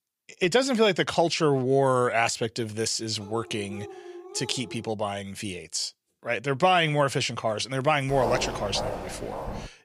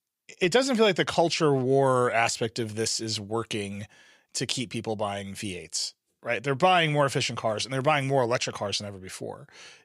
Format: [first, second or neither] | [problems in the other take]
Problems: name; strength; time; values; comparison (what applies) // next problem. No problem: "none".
second | dog barking; faint; from 3 to 5 s; peak 15 dB below the speech // footsteps; noticeable; from 8 s on; peak 4 dB below the speech